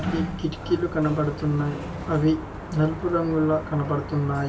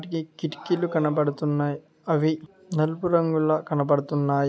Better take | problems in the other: second | background sound (Sliding door); 8 dB below the speech // room echo; dies away in 0.2 s

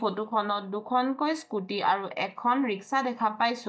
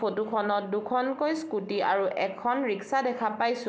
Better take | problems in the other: second | noise reduction (neural mask model DeepFilterNet 3)

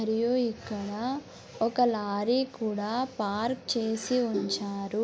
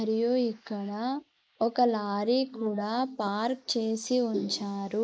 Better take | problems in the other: first | noise reduction (neural mask model Resemble Enhance denoiser)

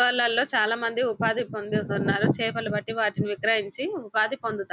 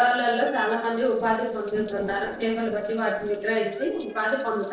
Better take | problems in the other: first | noise reduction (neural separator model SepFormer DNS4)

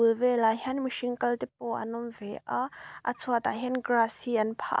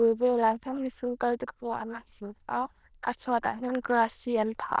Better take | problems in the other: first | noise reduction (neural diffusion model UNIVERSE++)

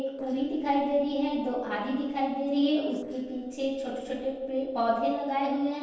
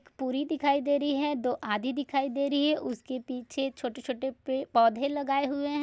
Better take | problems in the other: second | noise reduction (neural separator model SepFormer DNS4)

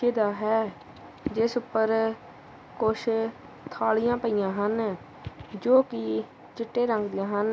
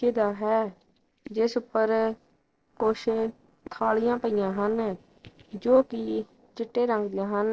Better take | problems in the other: first | noise reduction (neural separator model SepFormer DNS4)

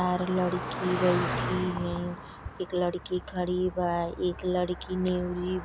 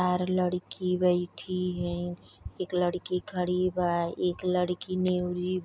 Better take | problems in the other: second | background sound (Car passing by); 7 dB below the speech

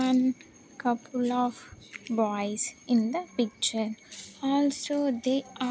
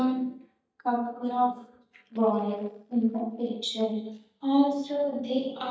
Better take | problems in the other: first | noise reduction (neural mask model DeepFilterNet 3)

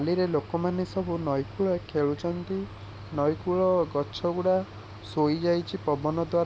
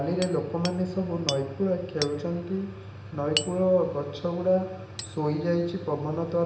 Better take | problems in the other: first | background sound (Hammer); 13 dB below the speech // room echo; dies away in 0.8 s

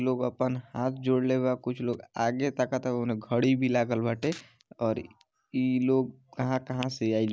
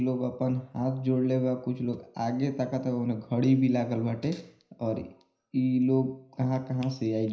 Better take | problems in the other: first | room echo; dies away in 0.5 s

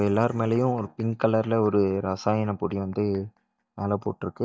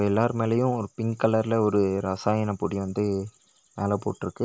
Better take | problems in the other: second | noise reduction (neural mask model DeepFilterNet 3)

